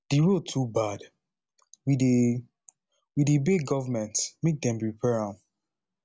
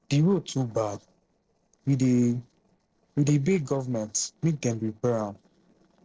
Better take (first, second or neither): first